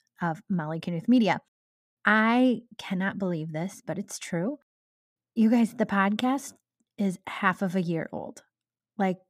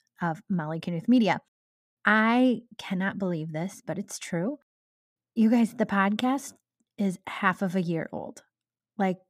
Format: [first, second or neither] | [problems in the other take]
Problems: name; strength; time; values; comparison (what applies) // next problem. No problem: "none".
neither | none